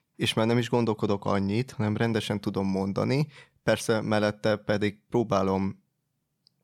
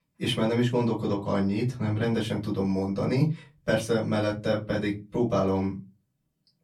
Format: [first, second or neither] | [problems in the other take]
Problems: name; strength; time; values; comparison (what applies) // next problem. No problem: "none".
first | off-mic speech; far // room echo; very slight; dies away in 0.3 s